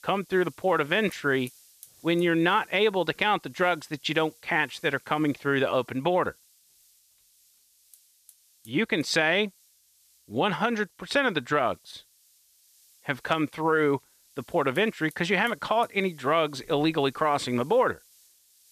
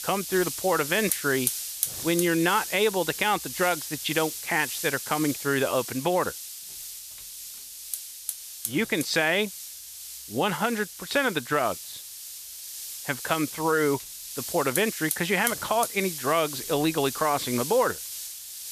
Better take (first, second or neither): first